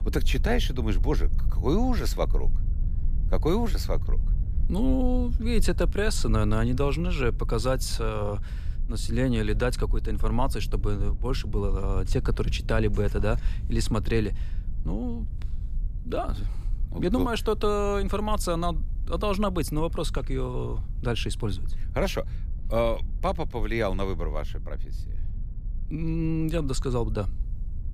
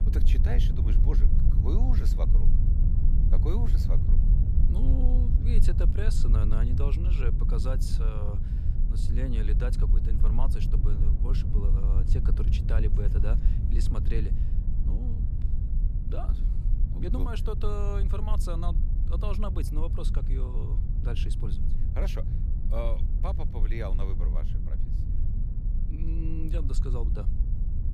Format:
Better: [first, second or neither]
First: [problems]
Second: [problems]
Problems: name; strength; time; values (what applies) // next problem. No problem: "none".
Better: first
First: low rumble; faint; throughout; 20 dB below the speech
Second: low rumble; loud; throughout; 4 dB below the speech